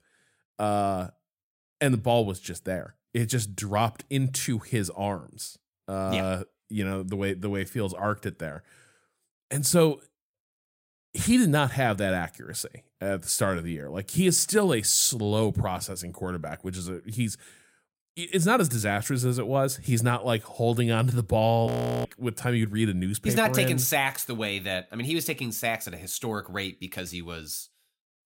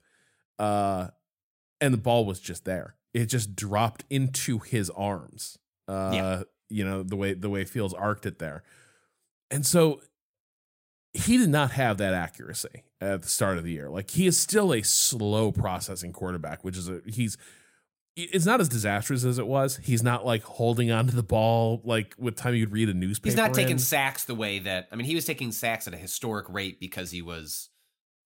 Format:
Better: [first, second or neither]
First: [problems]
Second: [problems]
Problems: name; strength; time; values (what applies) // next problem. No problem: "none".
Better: second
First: audio freezing; at 22 s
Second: none